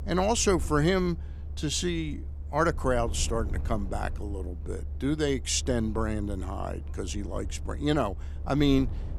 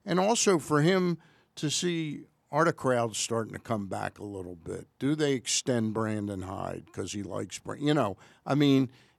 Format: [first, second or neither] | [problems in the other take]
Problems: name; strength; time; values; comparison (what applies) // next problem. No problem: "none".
second | low rumble; faint; throughout; 20 dB below the speech